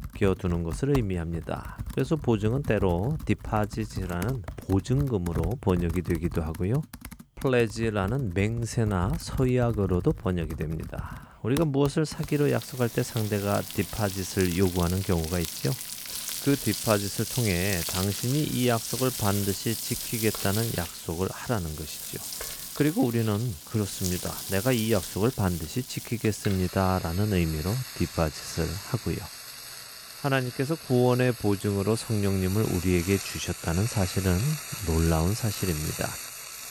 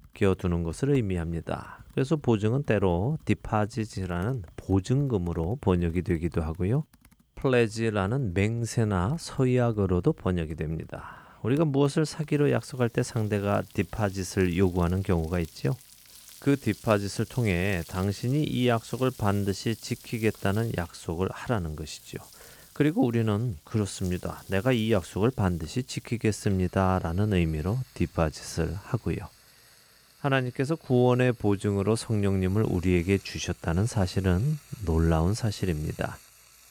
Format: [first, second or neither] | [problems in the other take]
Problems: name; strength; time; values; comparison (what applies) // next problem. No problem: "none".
second | household noises; loud; throughout; 8 dB below the speech; faint in the second